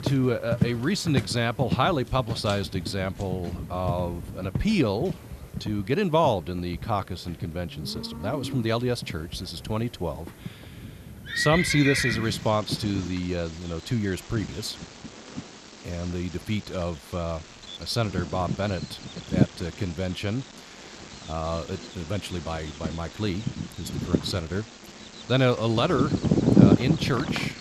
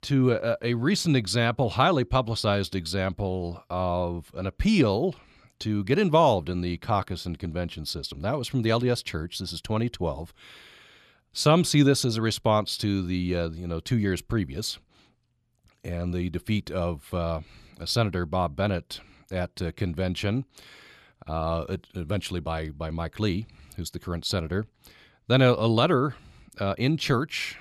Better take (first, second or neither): second